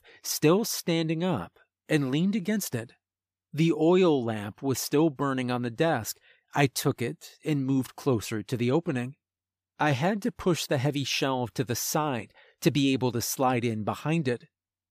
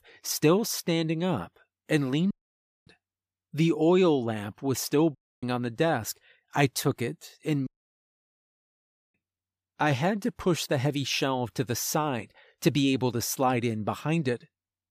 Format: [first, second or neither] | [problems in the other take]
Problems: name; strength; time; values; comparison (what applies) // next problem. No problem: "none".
first | audio cutting out; at 2.5 s for 0.5 s, at 5 s and at 7.5 s for 1.5 s